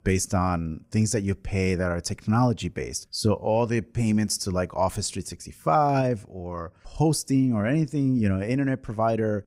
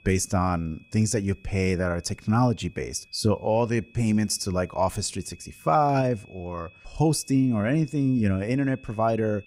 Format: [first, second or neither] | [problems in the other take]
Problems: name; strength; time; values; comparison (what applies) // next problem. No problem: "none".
first | high-pitched whine; faint; throughout; 2.5 kHz, 25 dB below the speech